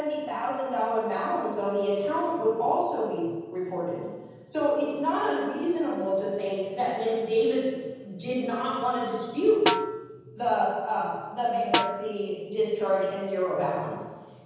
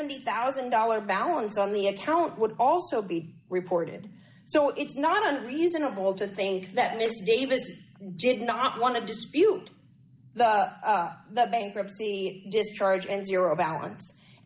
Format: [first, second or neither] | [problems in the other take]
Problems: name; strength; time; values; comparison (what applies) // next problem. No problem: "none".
second | background sound (Snare drum); 3 dB below the speech // room echo; dies away in 1.2 s